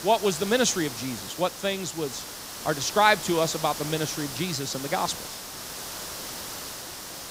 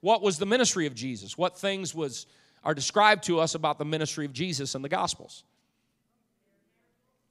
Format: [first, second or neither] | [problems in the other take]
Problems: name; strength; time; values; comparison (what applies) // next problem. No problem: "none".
second | hiss; loud; throughout; 8 dB below the speech